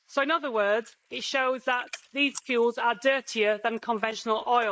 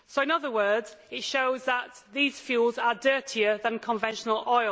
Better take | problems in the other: second | noise reduction (neural mask model Resemble Enhance denoiser)

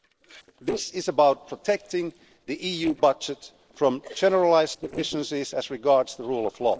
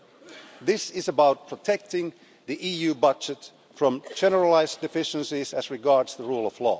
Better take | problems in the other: second | noise reduction (neural separator model SepFormer DNS4)

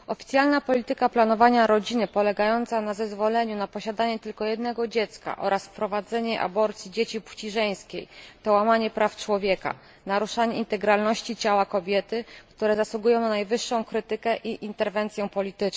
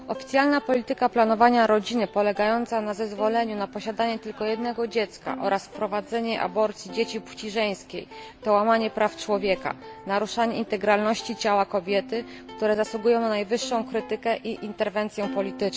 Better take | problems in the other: first | background sound (Plucked string instrument); 17 dB below the speech

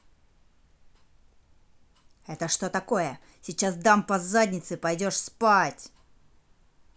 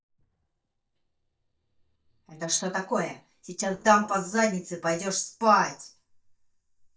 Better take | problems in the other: first | noise reduction (neural mask model DeepFilterNet 3)

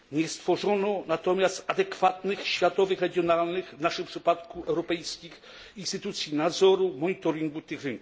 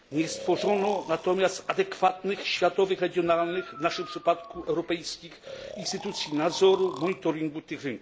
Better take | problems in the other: first | background sound (Breathing); 14 dB below the speech

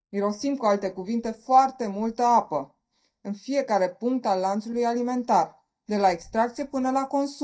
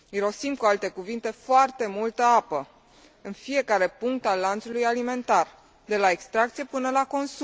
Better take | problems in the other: second | noise reduction (neural mask model DeepFilterNet 3)

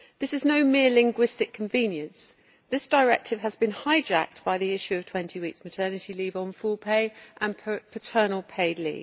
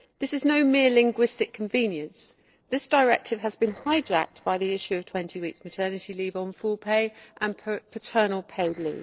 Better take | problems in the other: first | noise reduction (neural separator model SepFormer DNS4)

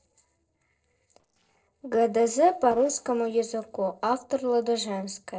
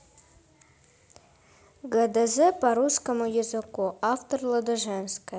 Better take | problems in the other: second | noise reduction (neural separator model SepFormer DNS4)

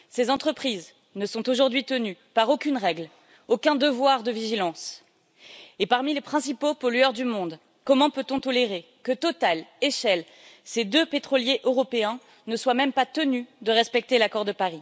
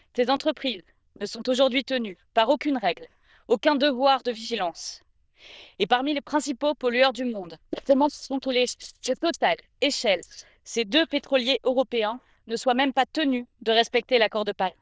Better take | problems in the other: first | noise reduction (neural diffusion model UNIVERSE++)

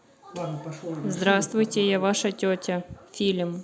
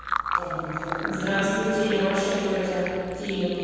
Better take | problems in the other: first | background sound (Fill (with liquid)); 7 dB below the speech // room echo; dies away in 2.2 s

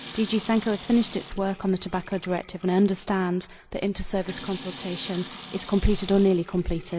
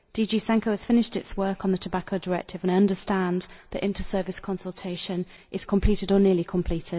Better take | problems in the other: second | background sound (Sink (filling or washing) / Water tap, faucet); 17 dB below the speech

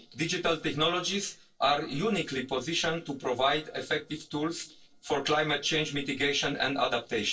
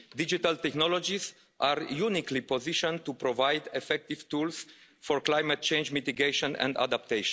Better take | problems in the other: second | noise reduction (neural separator model SepFormer DNS4)

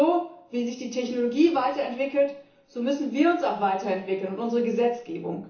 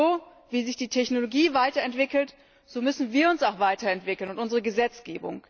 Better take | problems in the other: second | room echo; dies away in 0.8 s

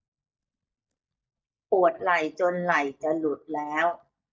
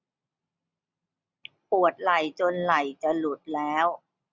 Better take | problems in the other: second | noise reduction (neural mask model DeepFilterNet 3)

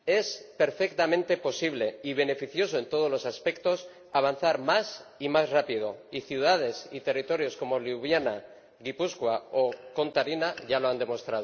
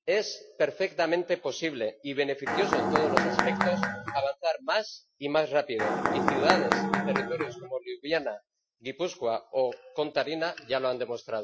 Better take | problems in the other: first | noise reduction (classical method Wiener filter)

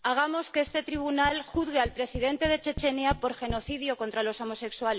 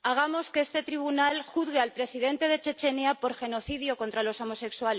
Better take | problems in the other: second | background sound (Tap); 14 dB below the speech

